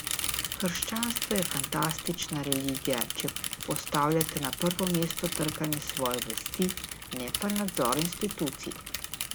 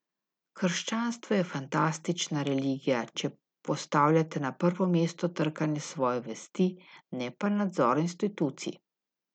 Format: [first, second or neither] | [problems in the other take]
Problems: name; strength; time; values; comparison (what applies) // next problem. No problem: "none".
second | background sound (Mechanisms / Bicycle); 3 dB below the speech